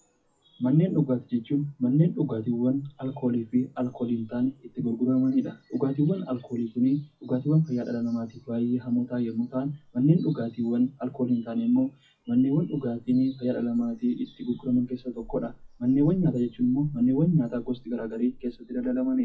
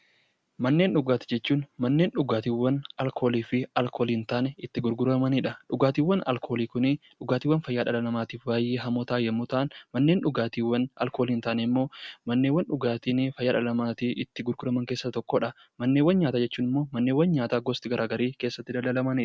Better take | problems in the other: second | noise reduction (classical method WPE with log-MMSE)

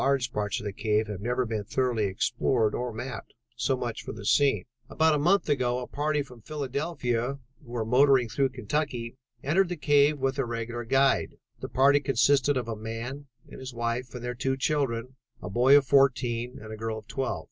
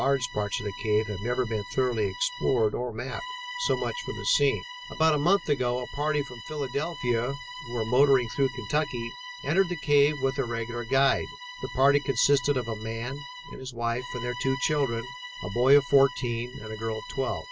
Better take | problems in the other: first | background sound (Bowed string instrument); 13 dB below the speech

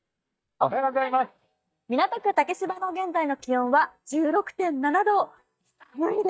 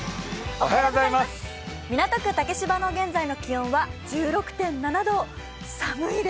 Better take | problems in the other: second | noise reduction (neural mask model DeepFilterNet 3)

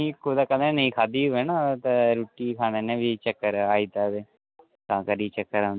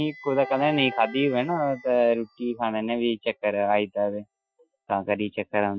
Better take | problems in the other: first | noise reduction (classical method Wiener filter)

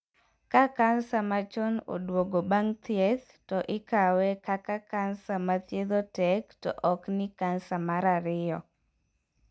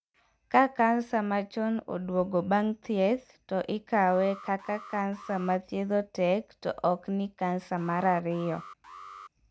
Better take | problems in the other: first | background sound (Alarm); 18 dB below the speech

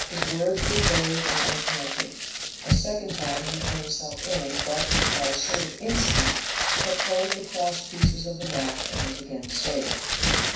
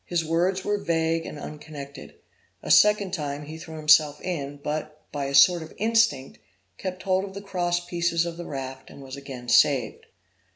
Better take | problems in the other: second | background sound (Crumpling, crinkling); 4 dB above the speech // room echo; dies away in 0.6 s

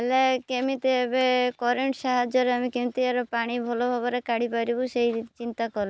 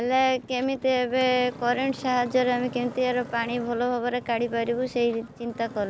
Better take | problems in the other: first | background sound (Motorcycle); 17 dB below the speech

